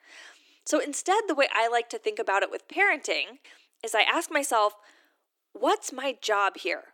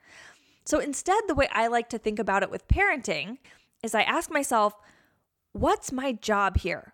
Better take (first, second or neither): second